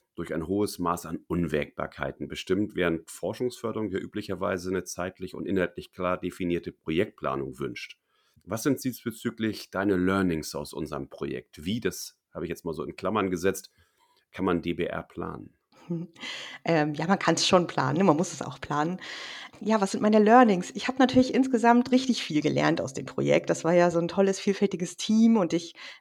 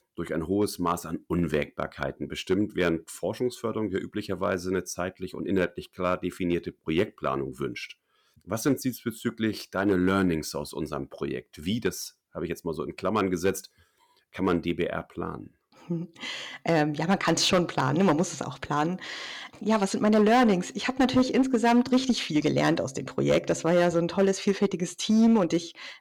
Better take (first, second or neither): first